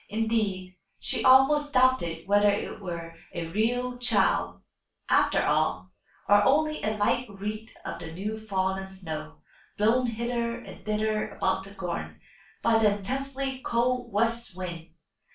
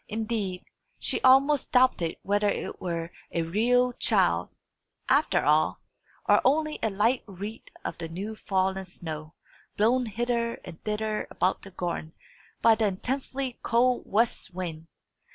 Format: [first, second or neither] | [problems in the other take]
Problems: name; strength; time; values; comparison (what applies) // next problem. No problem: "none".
second | room echo; dies away in 0.3 s